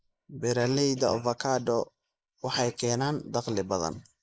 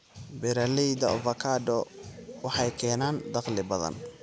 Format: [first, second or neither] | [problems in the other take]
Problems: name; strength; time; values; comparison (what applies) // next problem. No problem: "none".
second | noise reduction (neural mask model Resemble Enhance denoiser)